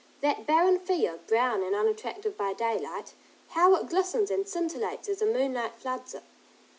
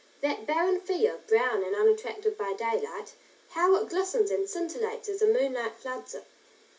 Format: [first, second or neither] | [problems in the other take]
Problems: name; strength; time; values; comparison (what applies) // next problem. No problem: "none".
first | room echo; dies away in 0.2 s